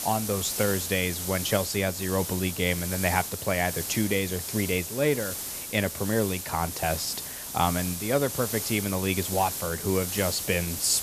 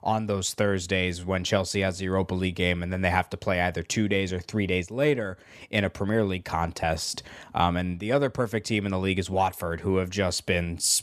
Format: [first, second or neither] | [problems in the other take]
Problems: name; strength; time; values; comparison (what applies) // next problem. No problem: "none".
second | hiss; loud; throughout; 4 dB below the speech